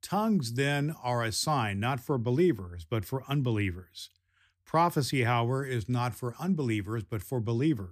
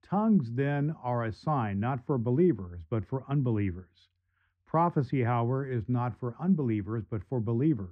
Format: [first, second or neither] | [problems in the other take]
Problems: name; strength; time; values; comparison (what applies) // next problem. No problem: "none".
first | muffled; very; fading above 1.5 kHz